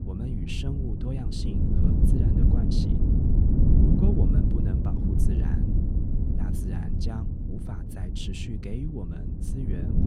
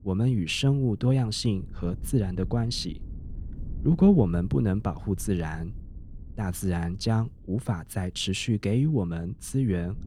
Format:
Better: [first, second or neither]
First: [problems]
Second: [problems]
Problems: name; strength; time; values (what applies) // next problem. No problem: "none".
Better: second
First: wind noise on the microphone; heavy; 4 dB above the speech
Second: wind noise on the microphone; occasional gusts; 25 dB below the speech